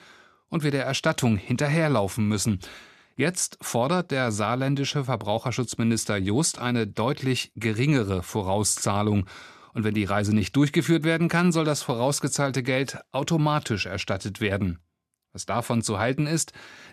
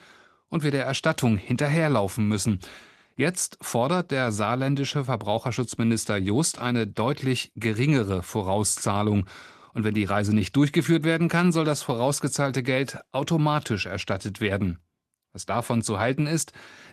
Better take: first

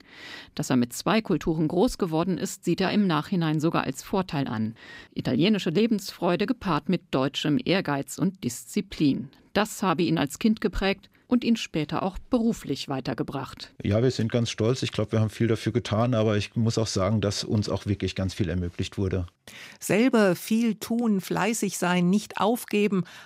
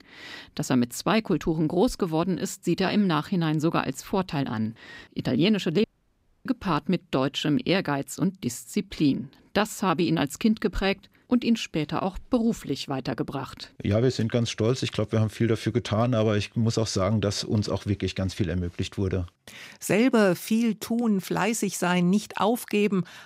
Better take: first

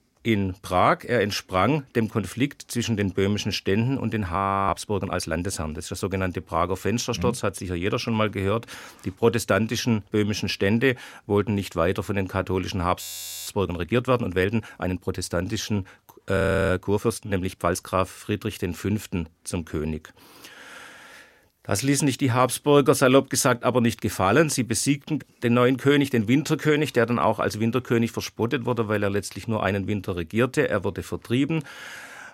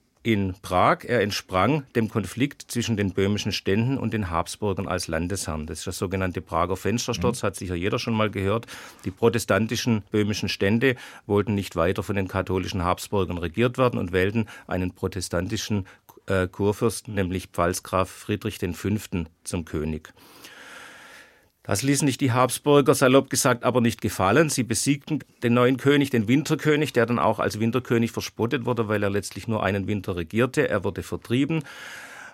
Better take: second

